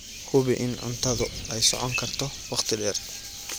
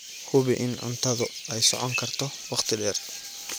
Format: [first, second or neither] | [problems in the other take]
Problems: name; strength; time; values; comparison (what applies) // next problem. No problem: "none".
second | background sound (Wind); 16 dB below the speech